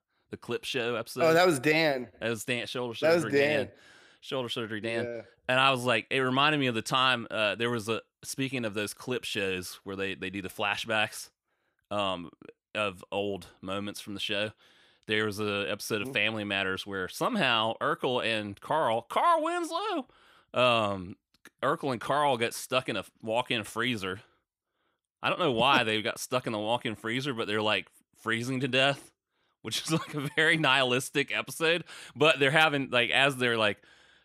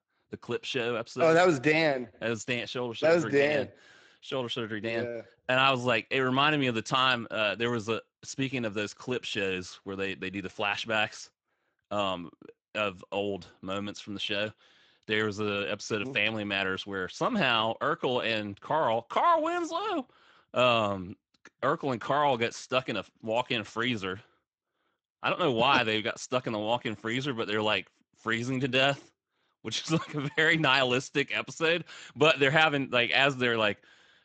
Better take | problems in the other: first | garbled, watery; slightly; nothing above 7.5 kHz

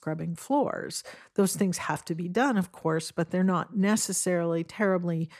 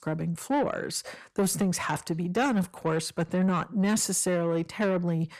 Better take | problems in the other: first | distortion; slight; 10 dB below the speech

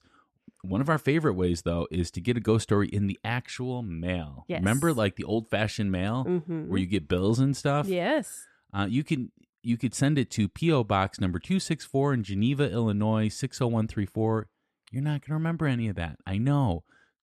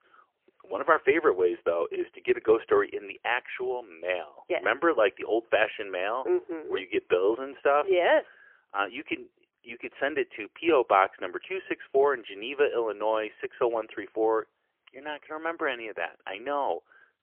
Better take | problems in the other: first | phone-call audio; poor line; nothing above 3 kHz

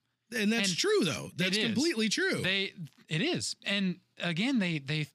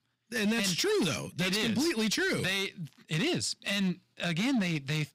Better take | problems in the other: first | distortion; slight; 12% of the sound clipped

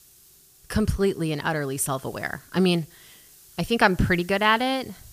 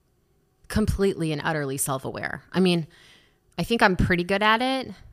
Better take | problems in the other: second | hiss; faint; throughout; 25 dB below the speech

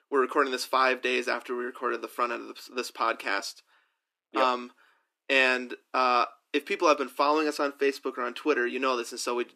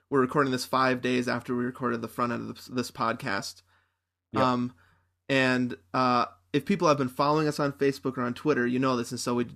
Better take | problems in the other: second | thin; somewhat; fading below 300 Hz

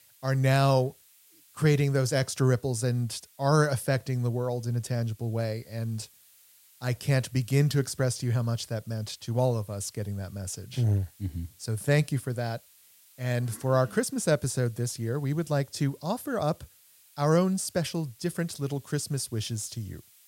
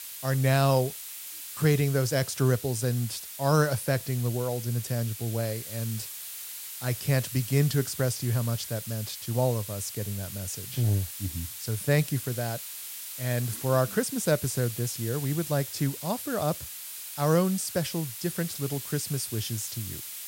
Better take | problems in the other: first | hiss; loud; throughout; 8 dB below the speech; faint in the first

